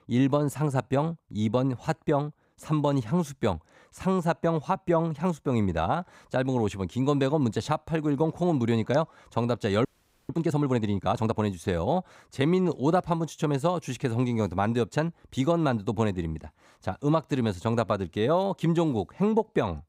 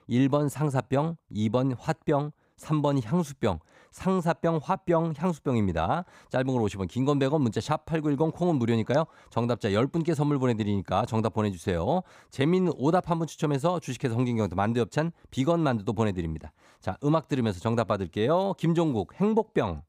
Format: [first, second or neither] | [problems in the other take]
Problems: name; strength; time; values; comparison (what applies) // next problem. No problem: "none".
second | audio freezing; at 10 s